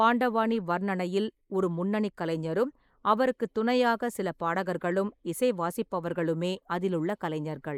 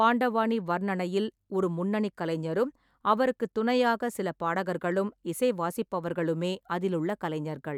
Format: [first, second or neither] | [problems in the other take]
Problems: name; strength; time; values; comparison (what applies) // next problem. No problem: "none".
second | noise reduction (neural mask model Resemble Enhance denoiser)